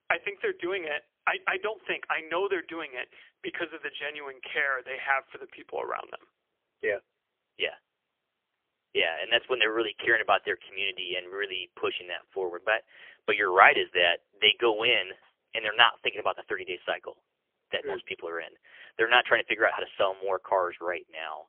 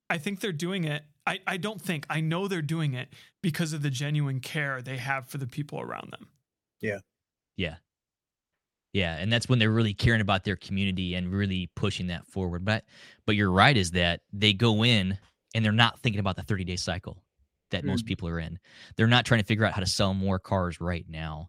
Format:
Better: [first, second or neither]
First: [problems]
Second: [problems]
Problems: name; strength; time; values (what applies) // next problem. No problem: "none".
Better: second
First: phone-call audio; poor line; nothing above 3 kHz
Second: none